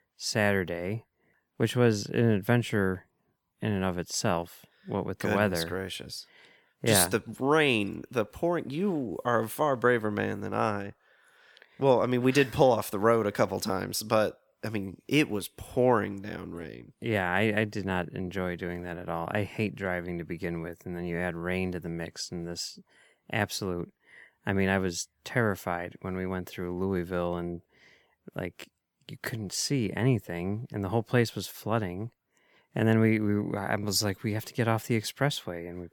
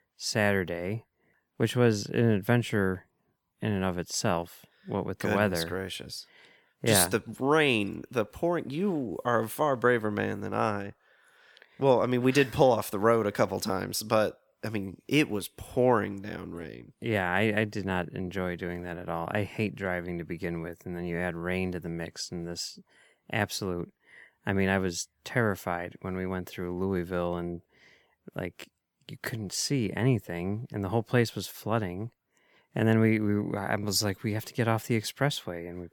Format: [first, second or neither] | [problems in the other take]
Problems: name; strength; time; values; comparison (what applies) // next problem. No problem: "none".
neither | none